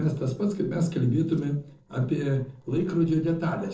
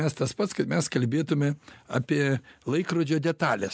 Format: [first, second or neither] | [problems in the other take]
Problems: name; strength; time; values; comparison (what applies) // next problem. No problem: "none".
second | noise reduction (neural separator model SepFormer DNS4)